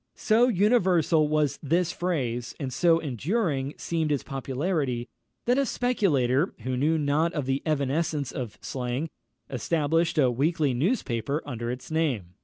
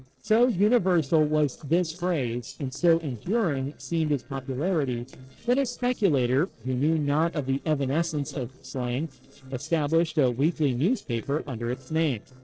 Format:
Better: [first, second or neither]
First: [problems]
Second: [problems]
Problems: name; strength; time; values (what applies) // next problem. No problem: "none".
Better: first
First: none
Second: noise reduction (neural separator model SepFormer DNS4)